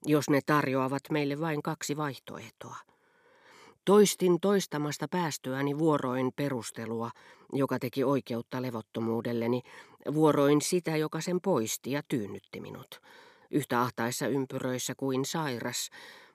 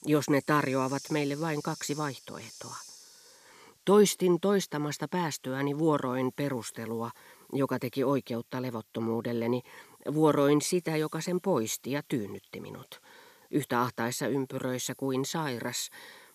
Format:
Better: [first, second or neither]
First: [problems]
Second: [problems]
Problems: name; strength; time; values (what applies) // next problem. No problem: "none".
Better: first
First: none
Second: hiss; faint; throughout; 20 dB below the speech